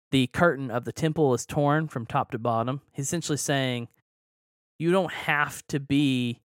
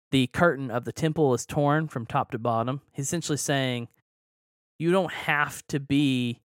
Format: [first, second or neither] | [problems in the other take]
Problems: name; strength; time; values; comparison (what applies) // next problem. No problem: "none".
neither | none